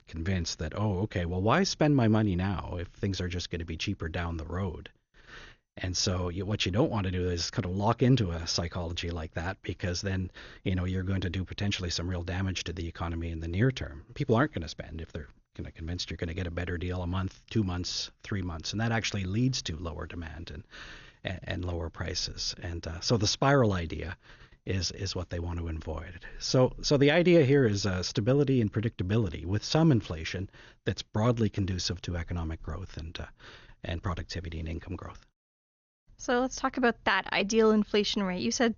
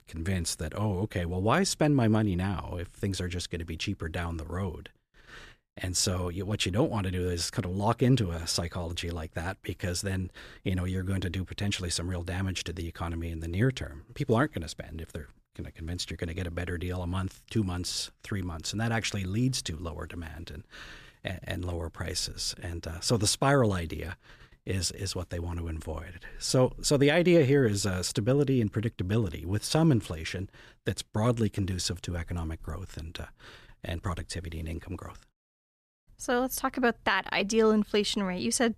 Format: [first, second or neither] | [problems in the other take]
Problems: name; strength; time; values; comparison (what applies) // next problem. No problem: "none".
second | garbled, watery; slightly; nothing above 6.5 kHz